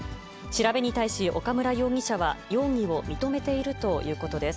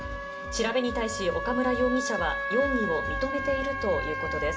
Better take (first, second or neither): first